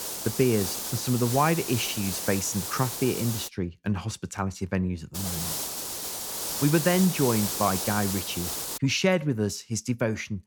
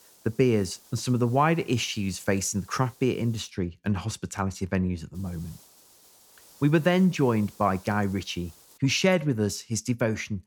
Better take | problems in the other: second | hiss; loud; until 3.5 s and from 5 to 9 s; 3 dB below the speech; faint in the second

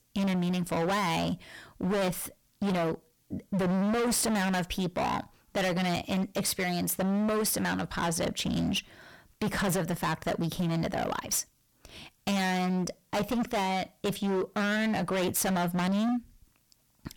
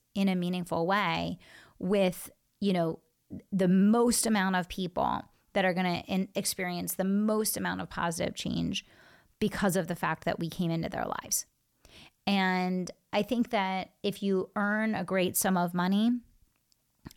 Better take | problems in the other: second | distortion; heavy; 27% of the sound clipped

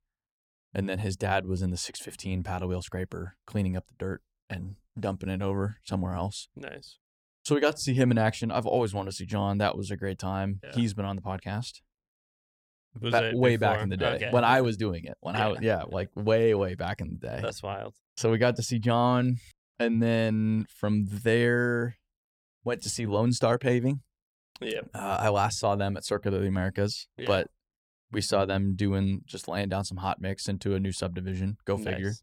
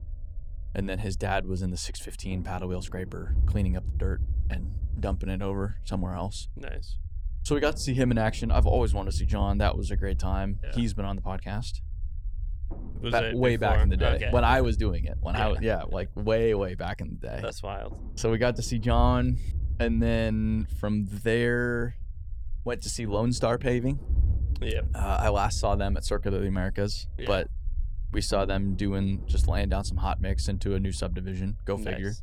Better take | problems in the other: first | low rumble; faint; throughout; 20 dB below the speech

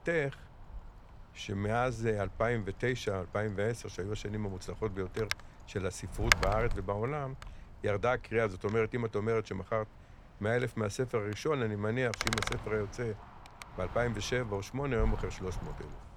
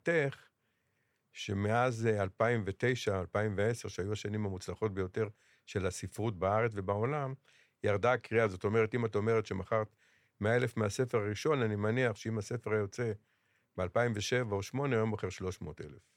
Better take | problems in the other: second | wind noise on the microphone; heavy; 1 dB below the speech

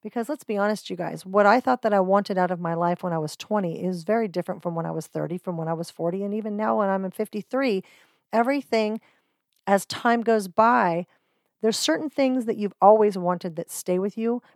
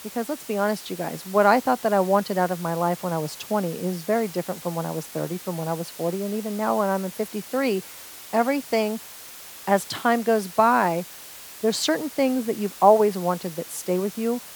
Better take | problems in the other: first | hiss; noticeable; throughout; 15 dB below the speech

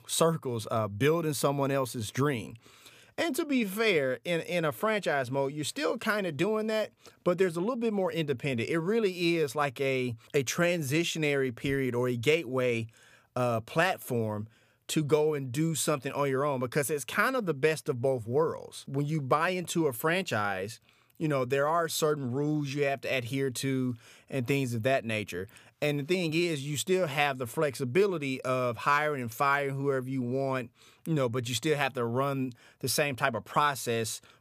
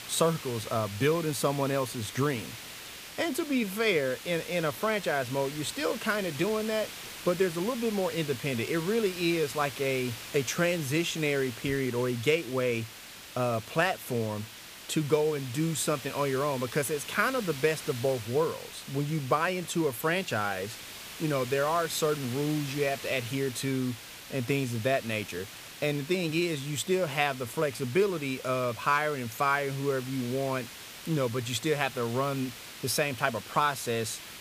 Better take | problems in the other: first | hiss; noticeable; throughout; 10 dB below the speech

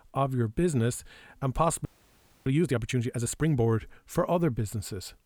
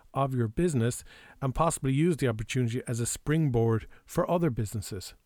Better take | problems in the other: second | audio freezing; at 2 s for 0.5 s

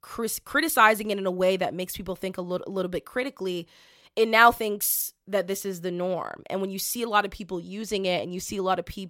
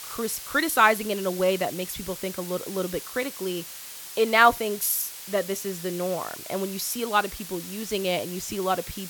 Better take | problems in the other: first | hiss; noticeable; throughout; 10 dB below the speech

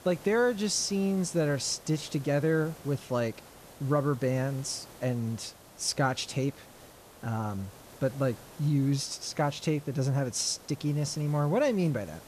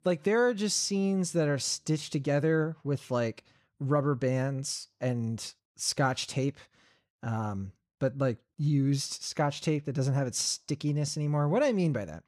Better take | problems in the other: second | hiss; faint; throughout; 20 dB below the speech

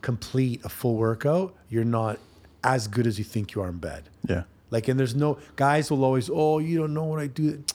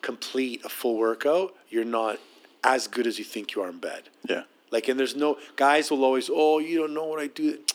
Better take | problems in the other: first | thin; somewhat; fading below 250 Hz

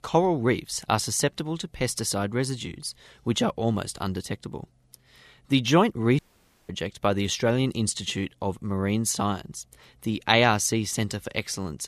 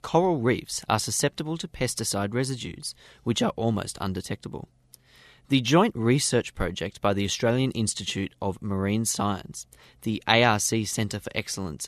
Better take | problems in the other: second | audio cutting out; at 6 s for 0.5 s

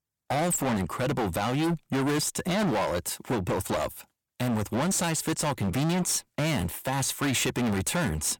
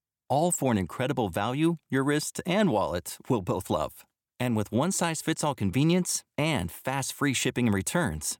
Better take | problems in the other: second | distortion; heavy; 29% of the sound clipped

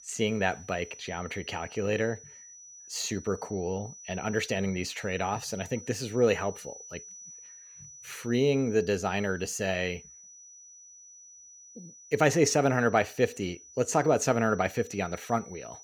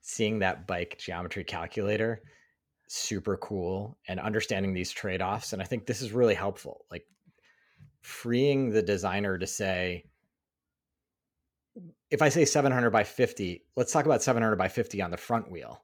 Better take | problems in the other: second | high-pitched whine; noticeable; throughout; 6 kHz, 20 dB below the speech

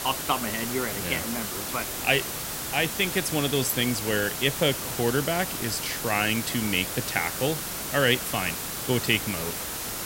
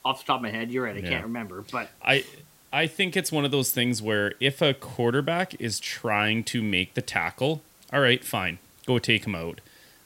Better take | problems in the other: second | hiss; loud; throughout; 3 dB below the speech; faint in the second

